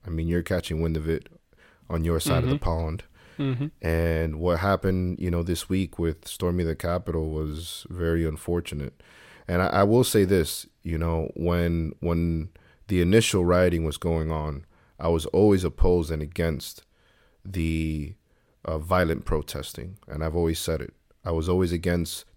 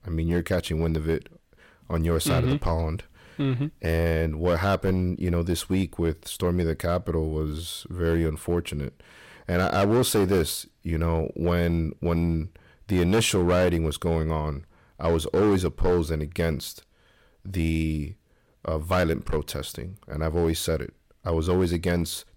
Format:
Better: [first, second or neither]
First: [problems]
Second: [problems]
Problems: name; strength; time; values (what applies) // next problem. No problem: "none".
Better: first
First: none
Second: distortion; slight; 6% of the sound clipped